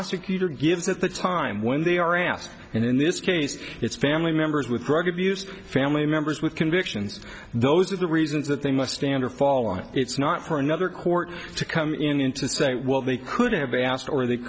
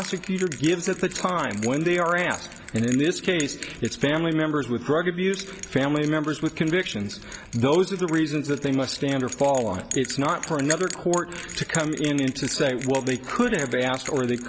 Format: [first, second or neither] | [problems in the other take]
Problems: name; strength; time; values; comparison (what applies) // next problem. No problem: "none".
first | background sound (Bell); 14 dB below the speech